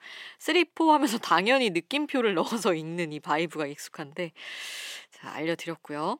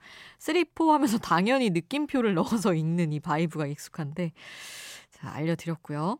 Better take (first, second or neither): second